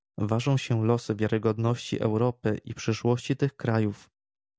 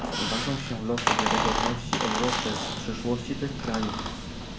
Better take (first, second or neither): first